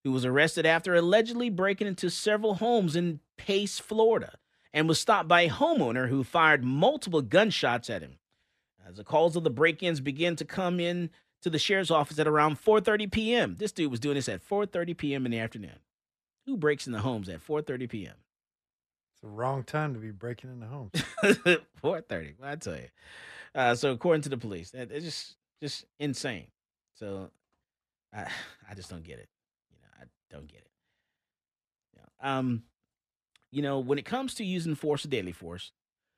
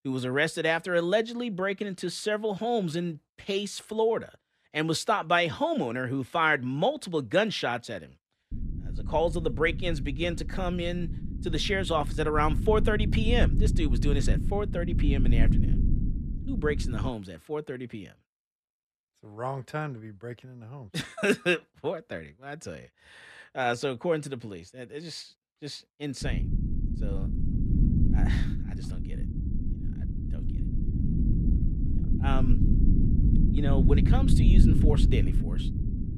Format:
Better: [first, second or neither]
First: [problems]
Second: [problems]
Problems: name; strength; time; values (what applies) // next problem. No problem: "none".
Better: first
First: none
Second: low rumble; noticeable; from 8.5 to 17 s and from 26 s on; 10 dB below the speech